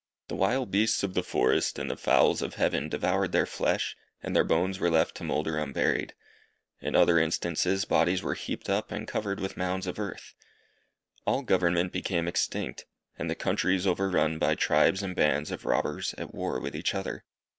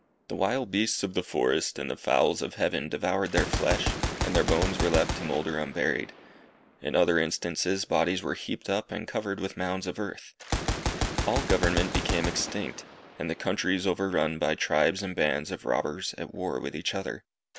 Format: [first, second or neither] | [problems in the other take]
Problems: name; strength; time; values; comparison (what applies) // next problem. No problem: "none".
first | background sound (Gunshot, gunfire); 6 dB below the speech